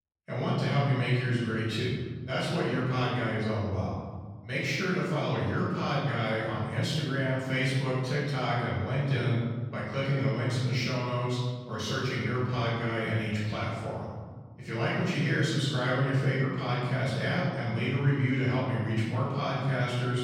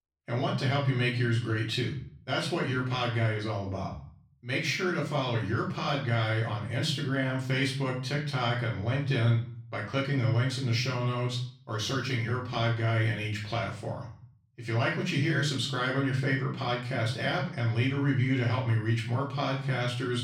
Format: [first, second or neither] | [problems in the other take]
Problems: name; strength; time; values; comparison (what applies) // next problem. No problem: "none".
second | room echo; strong; dies away in 1.5 s; slight in the second // off-mic speech; far; far in the second